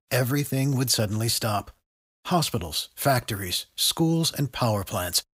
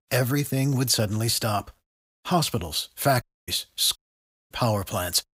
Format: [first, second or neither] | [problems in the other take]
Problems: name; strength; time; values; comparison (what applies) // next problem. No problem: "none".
first | audio cutting out; at 3 s and at 4 s for 0.5 s